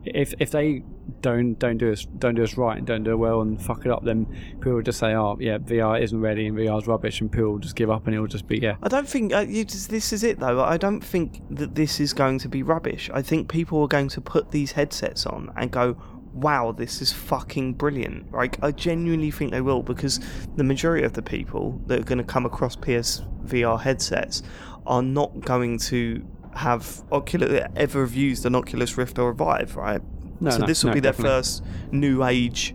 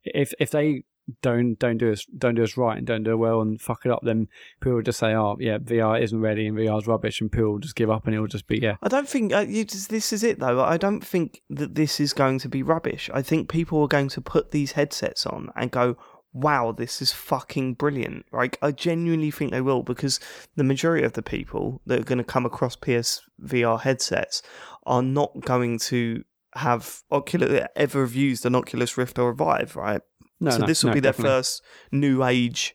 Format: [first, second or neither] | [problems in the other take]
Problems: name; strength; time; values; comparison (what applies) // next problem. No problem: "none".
second | low rumble; faint; throughout; 25 dB below the speech